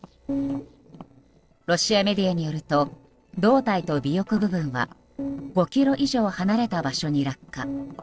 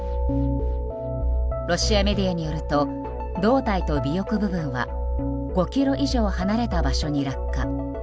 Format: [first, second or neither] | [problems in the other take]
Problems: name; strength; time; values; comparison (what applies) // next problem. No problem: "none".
second | noise reduction (neural separator model SepFormer DNS4)